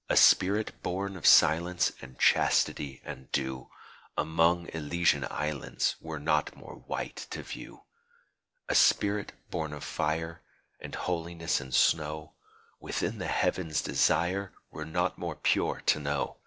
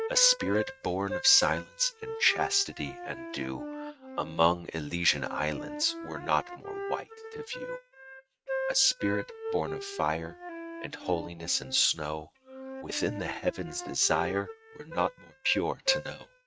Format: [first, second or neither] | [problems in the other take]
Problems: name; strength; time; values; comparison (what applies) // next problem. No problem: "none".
first | noise reduction (neural mask model RNNoise)